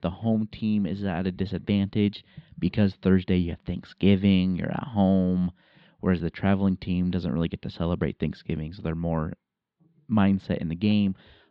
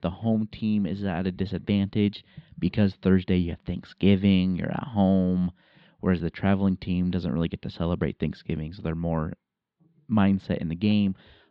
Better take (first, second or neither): neither